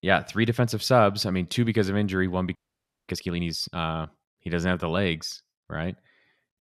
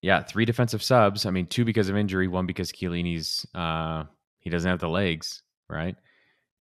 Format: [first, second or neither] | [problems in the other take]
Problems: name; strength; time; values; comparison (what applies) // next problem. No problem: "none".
second | audio freezing; at 2.5 s for 0.5 s